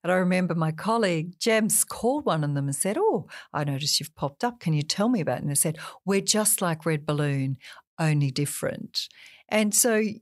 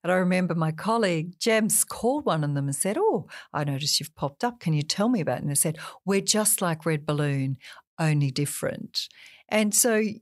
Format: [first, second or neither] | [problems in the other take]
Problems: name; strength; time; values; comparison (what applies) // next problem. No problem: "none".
neither | none